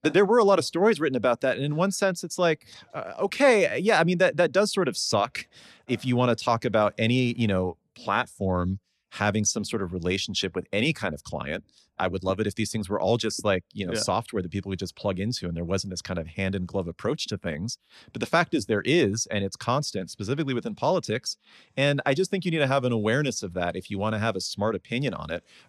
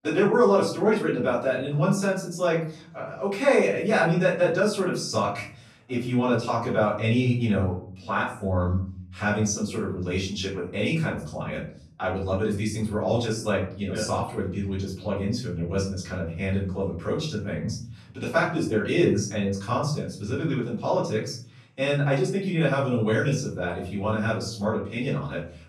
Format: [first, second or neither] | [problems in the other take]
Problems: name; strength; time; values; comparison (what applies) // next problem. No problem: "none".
first | off-mic speech; far // room echo; noticeable; dies away in 0.5 s